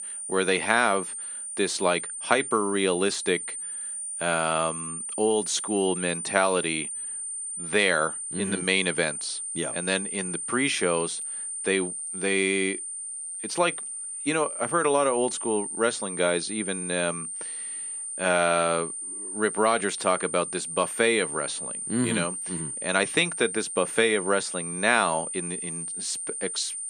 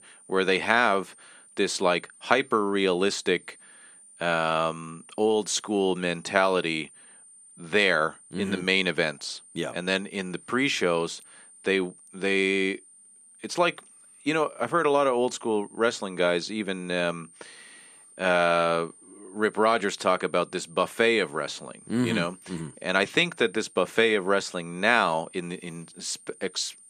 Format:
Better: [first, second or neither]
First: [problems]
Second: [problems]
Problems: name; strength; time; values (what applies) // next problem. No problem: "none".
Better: second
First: high-pitched whine; loud; throughout; 9 kHz, 5 dB below the speech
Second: high-pitched whine; faint; throughout; 9 kHz, 25 dB below the speech